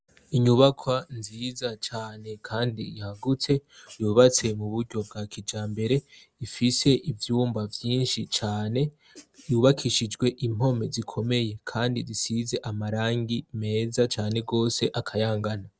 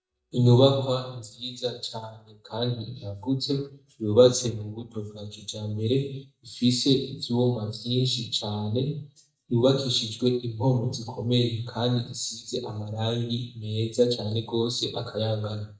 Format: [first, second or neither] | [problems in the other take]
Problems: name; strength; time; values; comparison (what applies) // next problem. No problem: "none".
first | noise reduction (neural mask model DeepFilterNet 3)